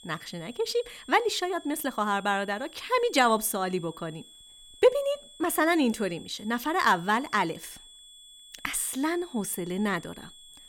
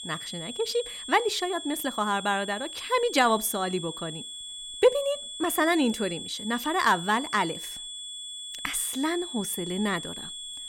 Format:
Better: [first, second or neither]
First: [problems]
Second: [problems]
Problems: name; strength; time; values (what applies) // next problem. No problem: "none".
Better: first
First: high-pitched whine; faint; throughout; 3.5 kHz, 20 dB below the speech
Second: high-pitched whine; loud; throughout; 3.5 kHz, 9 dB below the speech